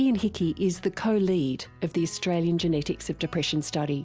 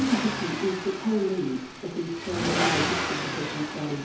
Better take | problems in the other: first | background sound (Accelerating, revving, vroom); 2 dB below the speech // room echo; dies away in 2.4 s

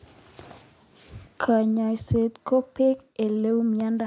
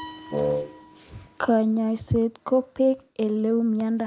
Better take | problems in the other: first | background sound (Wind instrument, woodwind instrument + Glass); 10 dB below the speech

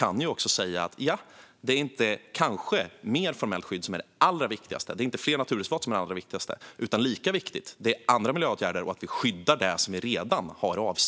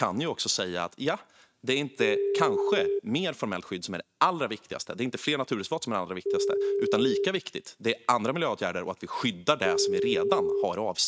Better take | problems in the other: first | noise reduction (neural mask model RNNoise)

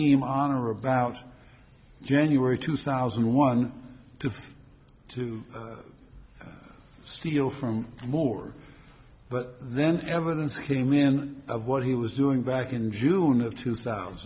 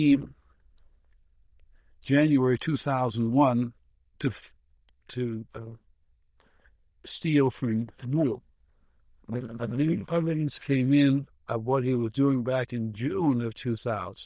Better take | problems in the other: first | noise reduction (neural diffusion model UNIVERSE++)

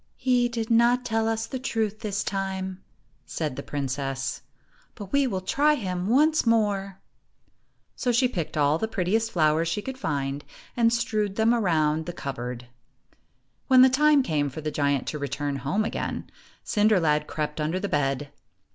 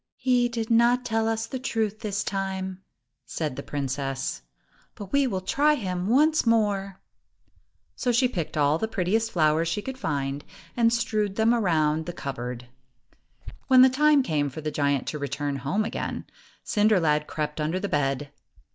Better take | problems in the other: first | noise reduction (neural mask model DeepFilterNet 3)

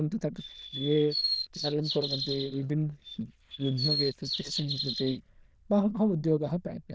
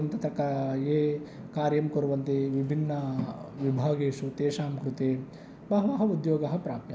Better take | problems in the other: second | noise reduction (neural diffusion model UNIVERSE++)

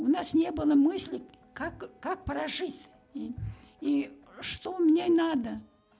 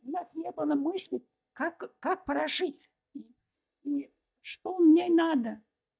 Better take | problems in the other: first | noise reduction (neural mask model DeepFilterNet 3)

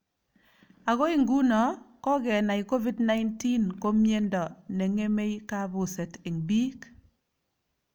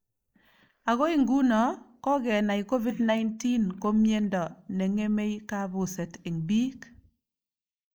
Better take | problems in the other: first | noise reduction (neural mask model Resemble Enhance denoiser)

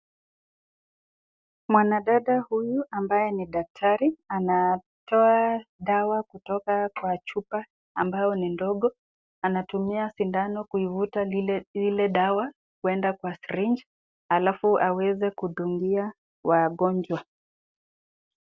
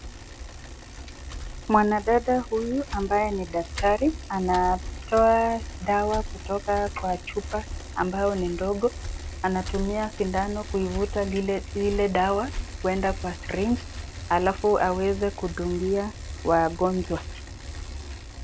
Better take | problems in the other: first | background sound (Bicycle); 9 dB below the speech

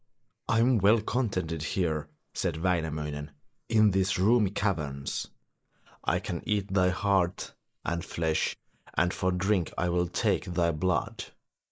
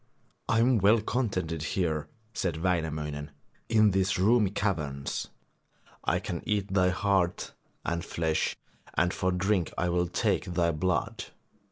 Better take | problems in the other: second | noise reduction (neural mask model Resemble Enhance denoiser)

